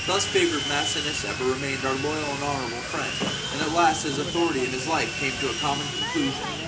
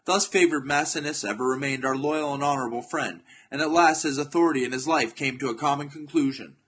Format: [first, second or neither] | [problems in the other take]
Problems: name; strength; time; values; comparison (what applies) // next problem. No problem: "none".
second | background sound (Sawing); 3 dB below the speech // room echo; dies away in 2.2 s